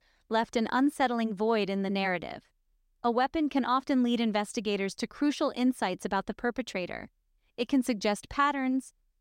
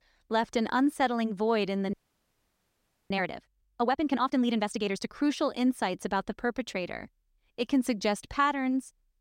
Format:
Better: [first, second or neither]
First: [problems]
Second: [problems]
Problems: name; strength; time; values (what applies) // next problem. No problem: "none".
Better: first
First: none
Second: audio freezing; at 2 s for 1 s